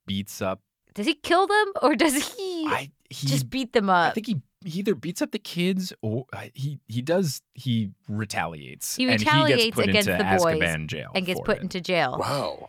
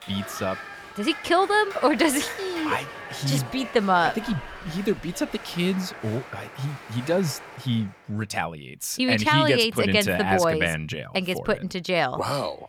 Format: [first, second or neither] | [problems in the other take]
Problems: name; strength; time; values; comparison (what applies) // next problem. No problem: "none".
first | crowd noise; noticeable; until 7.5 s; 15 dB below the speech